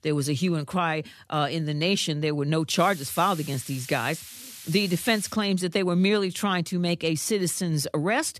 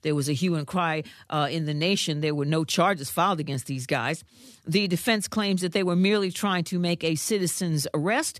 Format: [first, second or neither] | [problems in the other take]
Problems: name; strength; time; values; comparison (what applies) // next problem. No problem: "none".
second | hiss; noticeable; from 3 to 5.5 s; 15 dB below the speech